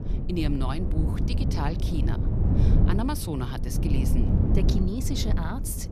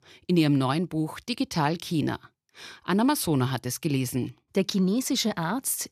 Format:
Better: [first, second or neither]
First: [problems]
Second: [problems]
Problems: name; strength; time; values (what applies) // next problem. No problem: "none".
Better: second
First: wind noise on the microphone; heavy; 2 dB below the speech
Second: none